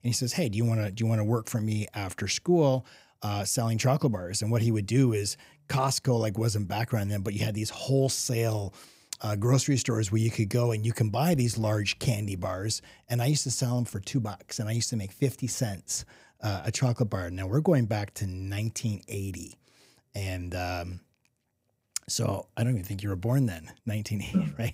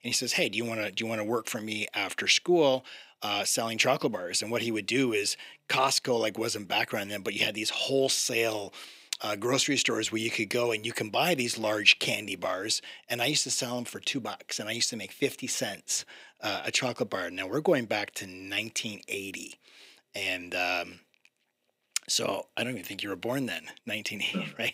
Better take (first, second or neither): first